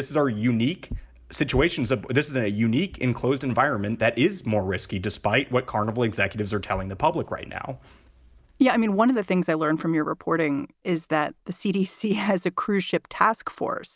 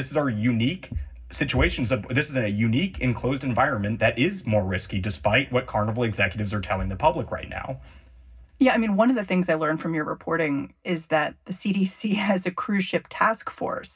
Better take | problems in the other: first | room echo; dies away in 0.4 s

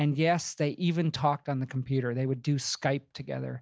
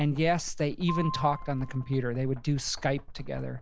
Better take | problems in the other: first | background sound (Piano + Knock); 9 dB below the speech

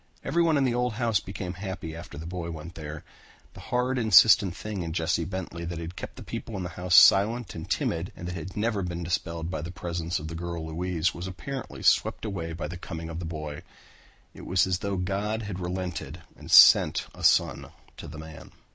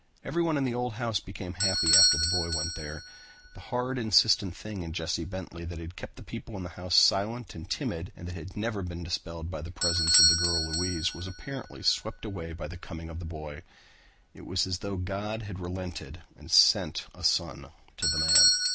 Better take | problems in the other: first | background sound (Bell / Doorbell); 1 dB below the speech

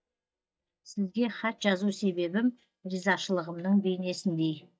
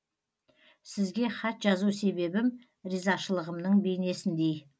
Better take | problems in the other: second | noise reduction (neural mask model DeepFilterNet 3)

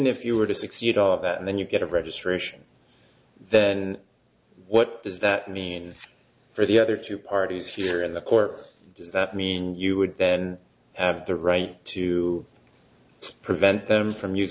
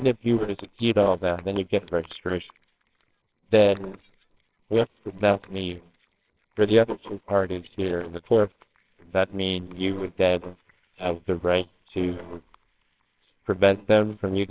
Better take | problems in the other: first | noise reduction (neural separator model SepFormer WHAMR!)

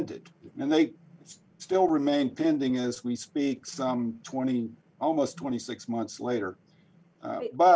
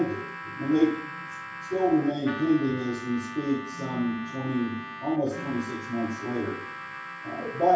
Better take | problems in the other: first | background sound (Harmonica); 11 dB below the speech // room echo; dies away in 0.6 s

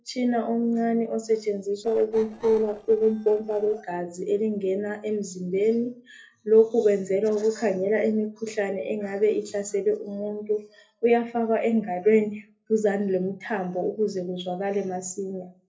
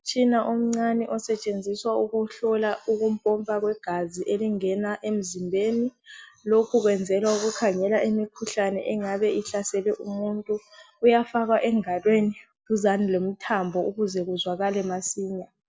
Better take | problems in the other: second | noise reduction (neural separator model SepFormer DNS4)

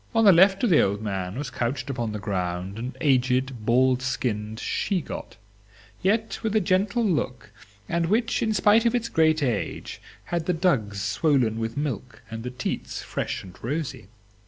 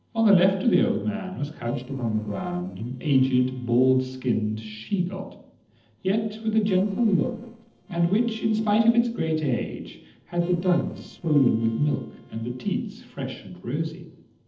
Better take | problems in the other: first | noise reduction (neural separator model SepFormer DNS4)

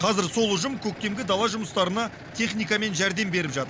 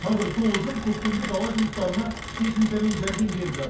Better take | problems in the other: first | background sound (Rain); 9 dB below the speech // room echo; dies away in 0.6 s

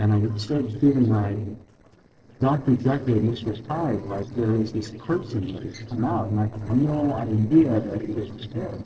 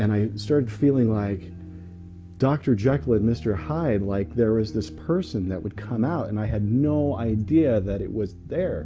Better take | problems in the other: second | noise reduction (neural separator model SepFormer DNS4)

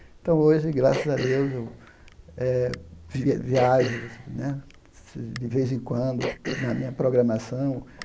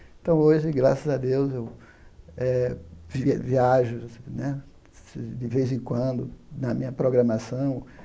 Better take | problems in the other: second | background sound (Cough); 12 dB below the speech

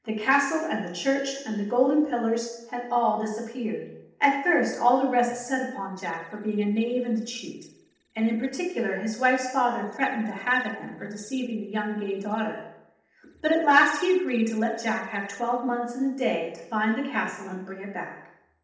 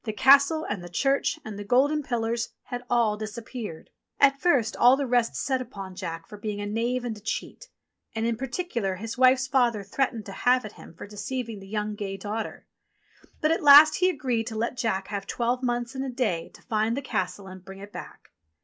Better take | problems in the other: second | noise reduction (neural separator model SepFormer DNS4)

